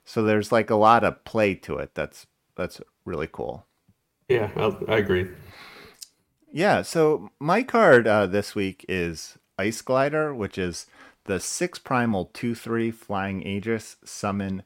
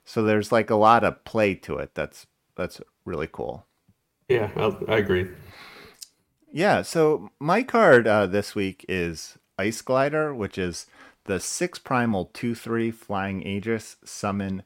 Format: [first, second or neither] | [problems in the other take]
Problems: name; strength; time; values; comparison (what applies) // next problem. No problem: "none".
neither | none